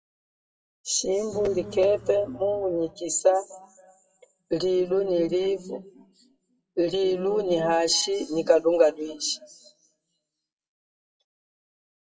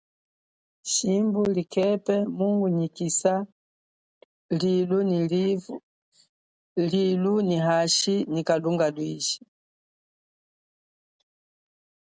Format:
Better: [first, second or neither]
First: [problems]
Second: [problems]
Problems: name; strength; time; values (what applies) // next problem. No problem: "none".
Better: second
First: noise reduction (classical method WPE with log-MMSE)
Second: none